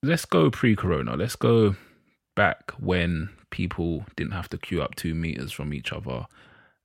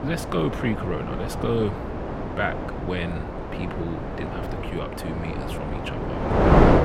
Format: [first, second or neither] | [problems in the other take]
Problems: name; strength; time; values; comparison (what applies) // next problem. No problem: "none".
first | wind noise on the microphone; heavy; 3 dB above the speech